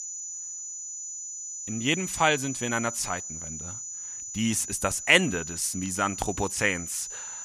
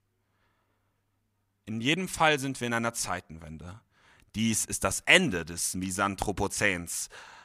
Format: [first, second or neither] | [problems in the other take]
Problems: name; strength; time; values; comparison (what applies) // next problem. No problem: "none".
second | high-pitched whine; loud; throughout; 7 kHz, 8 dB below the speech